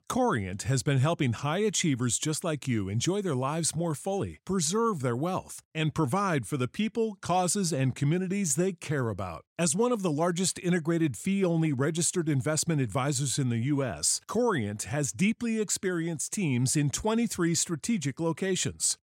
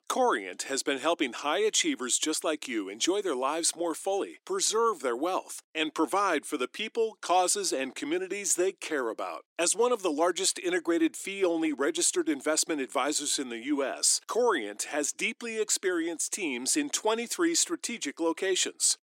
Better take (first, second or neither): first